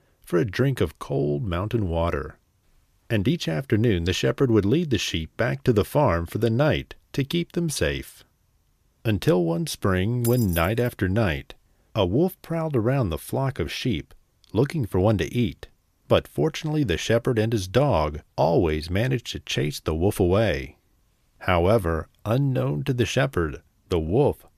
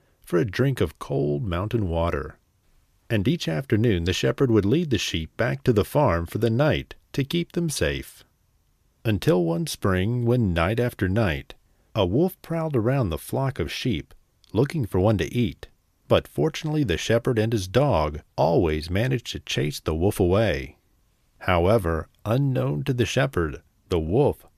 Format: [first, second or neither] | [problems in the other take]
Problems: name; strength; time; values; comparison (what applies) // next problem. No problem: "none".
second | jangling keys; noticeable; at 10 s; peak 8 dB below the speech